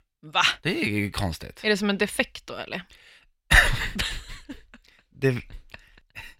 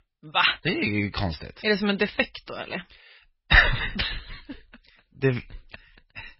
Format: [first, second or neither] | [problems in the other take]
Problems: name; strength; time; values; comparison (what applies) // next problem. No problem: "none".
first | garbled, watery; badly; nothing above 5.5 kHz